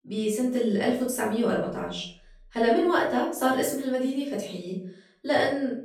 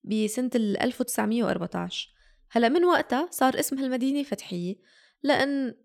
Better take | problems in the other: second | off-mic speech; far // room echo; noticeable; dies away in 0.4 s

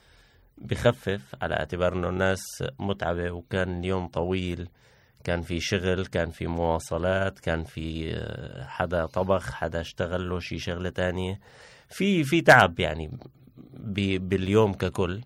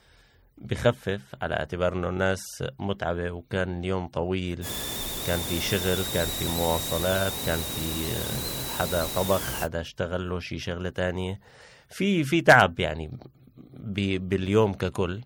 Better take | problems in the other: first | hiss; loud; from 4.5 to 9.5 s; 3 dB below the speech

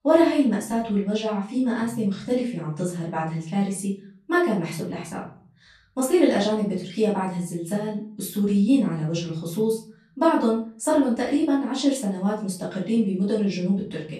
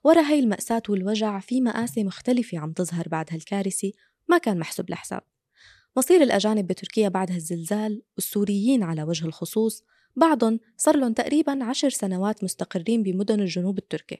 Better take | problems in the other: second | off-mic speech; far // room echo; slight; dies away in 0.6 s

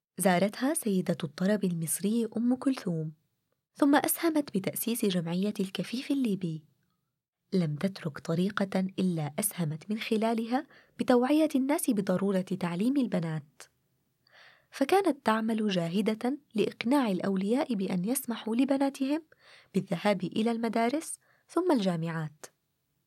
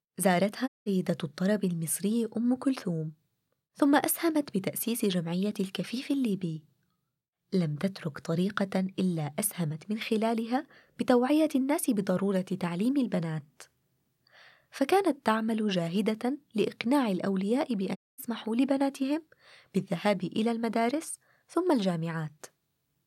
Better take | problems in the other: first | audio cutting out; at 0.5 s and at 18 s

